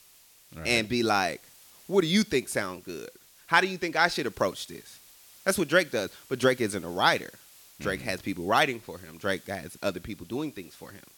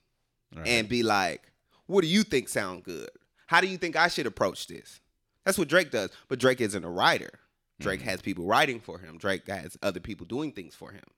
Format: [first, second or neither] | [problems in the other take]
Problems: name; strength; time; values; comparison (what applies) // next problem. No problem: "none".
second | hiss; faint; throughout; 25 dB below the speech